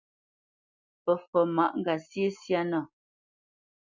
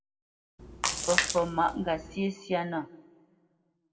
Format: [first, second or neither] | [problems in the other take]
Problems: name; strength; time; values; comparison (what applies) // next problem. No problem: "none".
first | background sound (Splash, splatter); 1 dB below the speech // room echo; dies away in 0.8 s